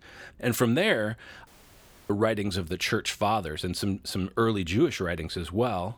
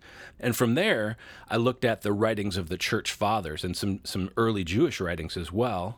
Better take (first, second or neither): second